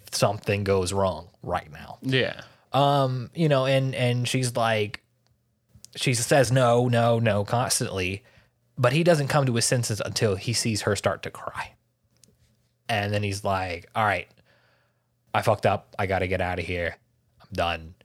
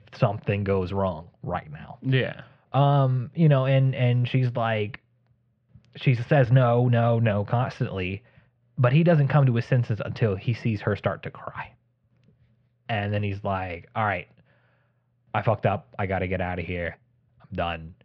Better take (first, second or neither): first